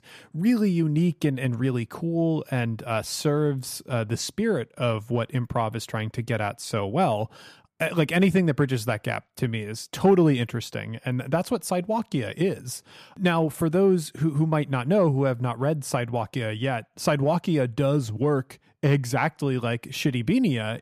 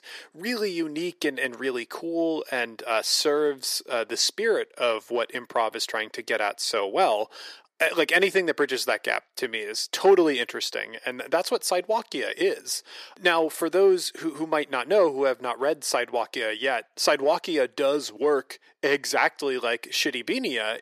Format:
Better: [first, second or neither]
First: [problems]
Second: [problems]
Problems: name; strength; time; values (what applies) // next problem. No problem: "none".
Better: first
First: none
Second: thin; very; fading below 350 Hz